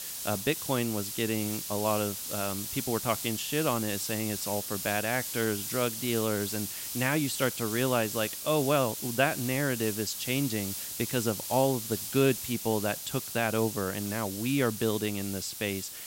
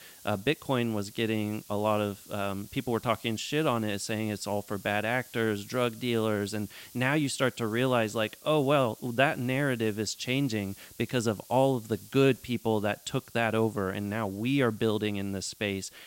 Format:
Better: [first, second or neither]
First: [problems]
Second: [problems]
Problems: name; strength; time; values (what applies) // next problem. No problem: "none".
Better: second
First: hiss; loud; throughout; 4 dB below the speech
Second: hiss; faint; throughout; 20 dB below the speech